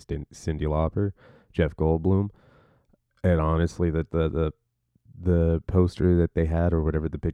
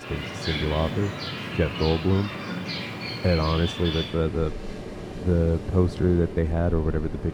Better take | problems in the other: first | rain or running water; loud; throughout; 7 dB below the speech

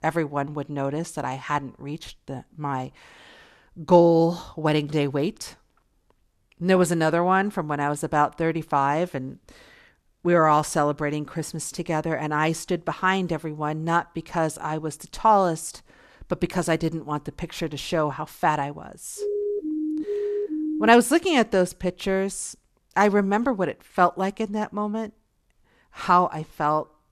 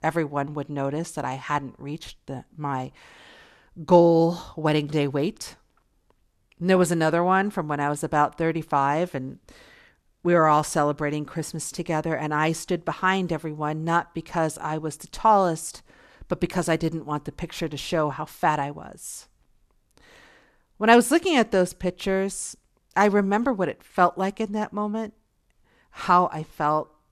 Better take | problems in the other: second | siren; noticeable; from 19 to 21 s; peak 3 dB below the speech

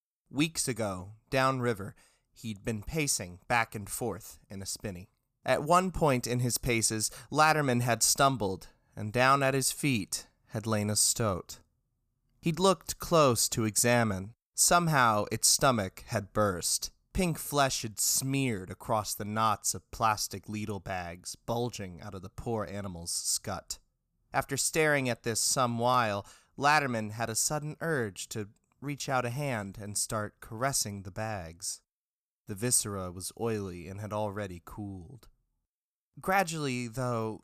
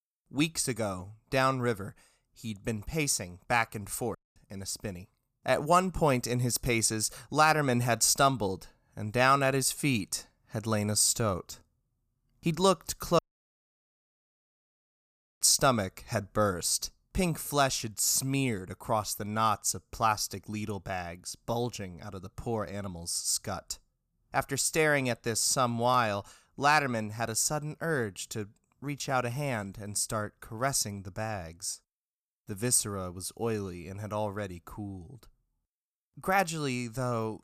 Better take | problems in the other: first | audio cutting out; at 4 s and at 13 s for 2 s

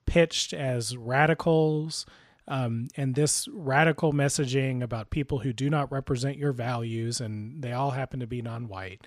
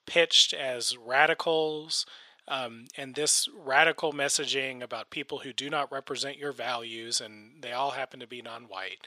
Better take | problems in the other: first | thin; very; fading below 500 Hz

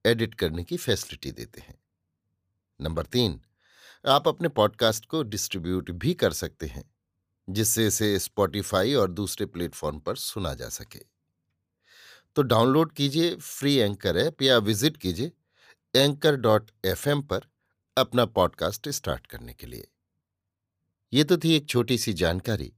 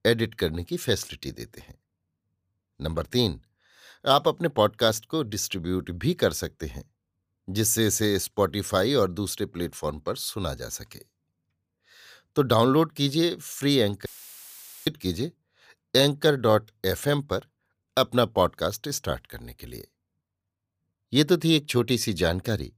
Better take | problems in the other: first | audio cutting out; filled with static; at 14 s for 1 s

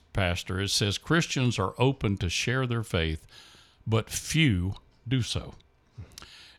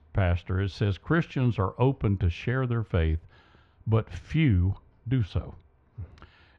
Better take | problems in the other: first | muffled; very; fading above 1.5 kHz

